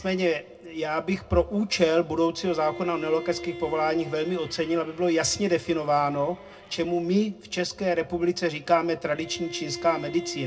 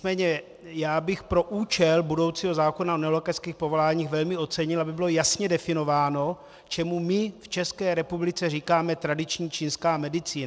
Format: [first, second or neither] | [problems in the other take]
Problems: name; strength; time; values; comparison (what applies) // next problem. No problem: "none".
second | background sound (Bowed string instrument); 16 dB below the speech // room echo; dies away in 0.2 s